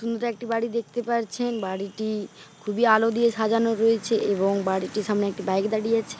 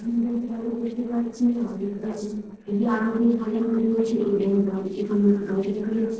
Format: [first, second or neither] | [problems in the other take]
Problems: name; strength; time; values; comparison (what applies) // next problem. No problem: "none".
first | noise reduction (neural separator model SepFormer DNS4)